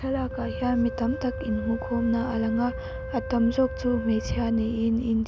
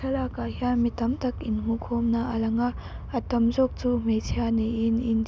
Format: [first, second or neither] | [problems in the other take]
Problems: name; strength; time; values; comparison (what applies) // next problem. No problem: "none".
second | background sound (Wind instrument, woodwind instrument); 12 dB below the speech